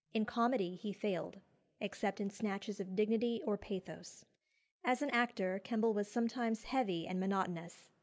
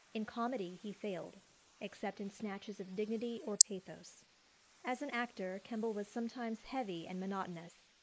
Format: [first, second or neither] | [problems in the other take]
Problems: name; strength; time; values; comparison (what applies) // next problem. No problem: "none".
first | noise reduction (neural mask model Resemble Enhance denoiser)